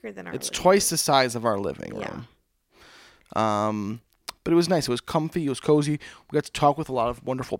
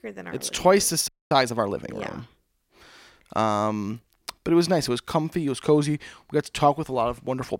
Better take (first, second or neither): first